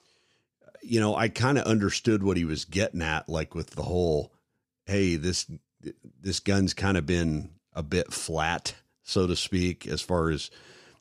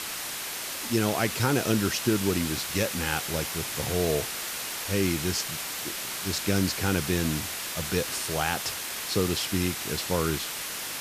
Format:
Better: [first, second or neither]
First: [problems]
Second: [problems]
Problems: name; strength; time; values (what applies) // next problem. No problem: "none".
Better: first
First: none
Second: hiss; loud; throughout; 3 dB below the speech